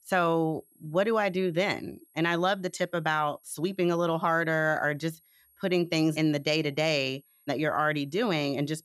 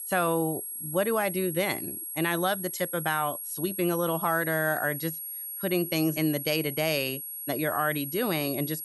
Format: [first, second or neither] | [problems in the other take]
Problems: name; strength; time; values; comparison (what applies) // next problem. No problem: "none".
first | high-pitched whine; loud; throughout; 11.5 kHz, 5 dB below the speech; faint in the first